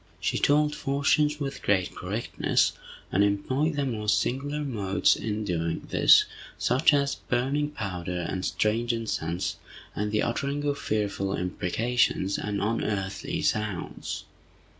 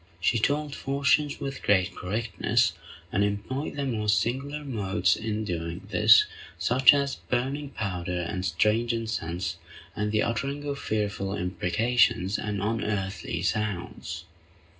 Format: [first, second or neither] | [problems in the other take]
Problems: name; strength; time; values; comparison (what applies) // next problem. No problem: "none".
first | room echo; dies away in 0.2 s